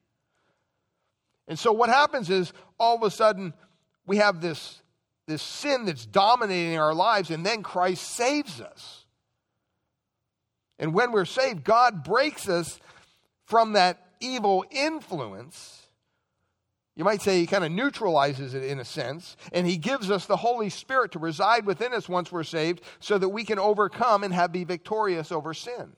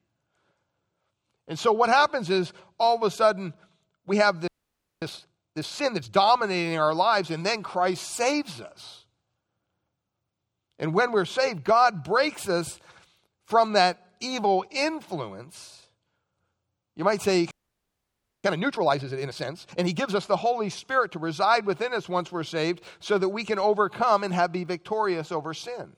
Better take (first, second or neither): first